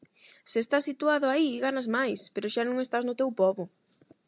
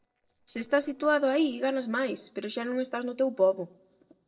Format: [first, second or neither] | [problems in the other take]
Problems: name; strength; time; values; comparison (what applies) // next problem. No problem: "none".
first | noise reduction (neural separator model SepFormer DNS4)